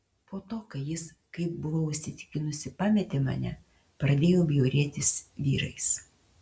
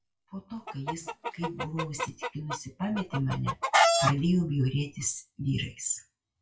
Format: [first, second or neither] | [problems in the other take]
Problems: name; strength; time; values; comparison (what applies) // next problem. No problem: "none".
first | noise reduction (classical method WPE with log-MMSE)